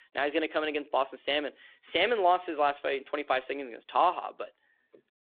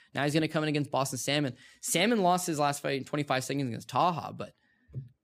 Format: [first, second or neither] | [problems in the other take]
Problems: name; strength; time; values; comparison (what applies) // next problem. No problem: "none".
second | phone-call audio